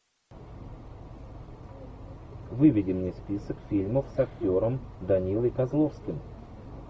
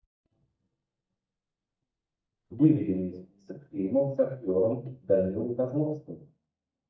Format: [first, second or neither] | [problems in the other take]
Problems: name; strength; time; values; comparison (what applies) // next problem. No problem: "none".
first | noise reduction (neural mask model DeepFilterNet 3)